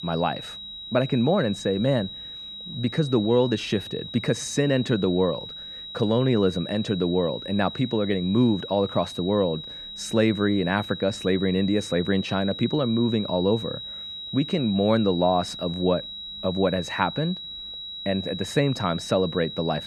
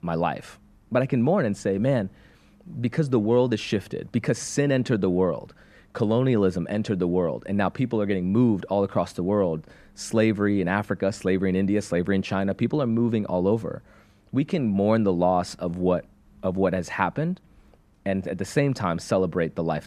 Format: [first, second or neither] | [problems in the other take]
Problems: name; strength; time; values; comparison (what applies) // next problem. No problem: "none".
second | high-pitched whine; noticeable; throughout; 4 kHz, 10 dB below the speech